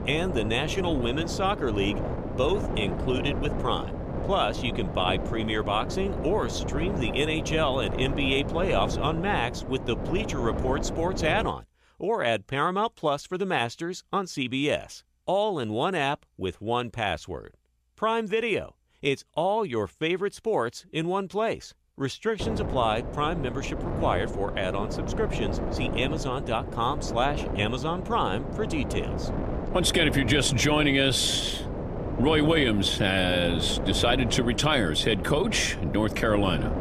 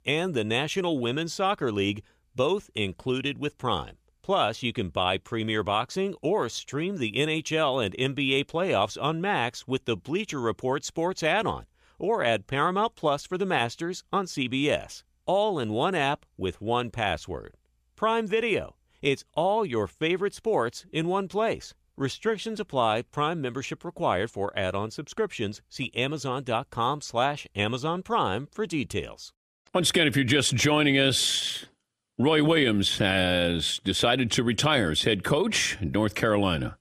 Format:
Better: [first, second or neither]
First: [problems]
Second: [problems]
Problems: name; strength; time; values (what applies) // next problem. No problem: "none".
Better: second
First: wind noise on the microphone; heavy; until 11 s and from 22 s on; 9 dB below the speech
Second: none